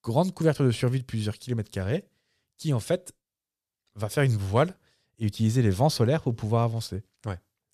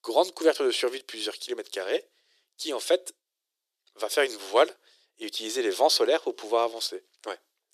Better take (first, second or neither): first